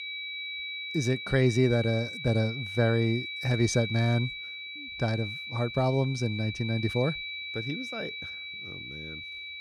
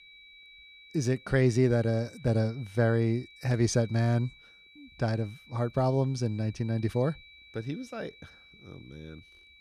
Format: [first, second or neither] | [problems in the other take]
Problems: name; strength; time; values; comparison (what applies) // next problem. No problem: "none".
second | high-pitched whine; loud; throughout; 2.5 kHz, 7 dB below the speech; faint in the second